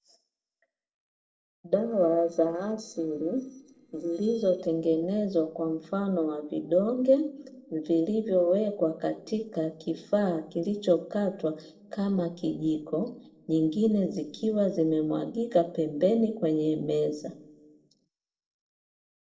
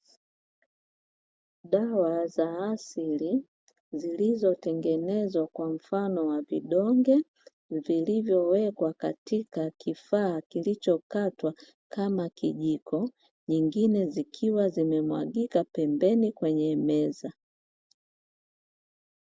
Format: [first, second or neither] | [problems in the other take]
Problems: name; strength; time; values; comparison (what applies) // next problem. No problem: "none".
second | noise reduction (neural separator model SepFormer DNS4)